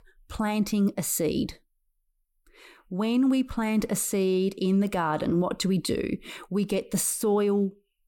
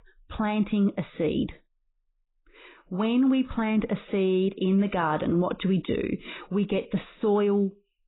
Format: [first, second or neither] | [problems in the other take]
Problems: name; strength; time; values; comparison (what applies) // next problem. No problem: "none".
first | garbled, watery; badly; nothing above 4 kHz